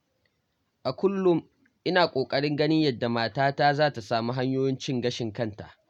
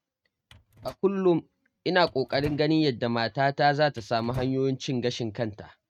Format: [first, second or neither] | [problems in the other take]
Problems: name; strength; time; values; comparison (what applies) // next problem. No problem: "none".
first | noise reduction (neural mask model RNNoise)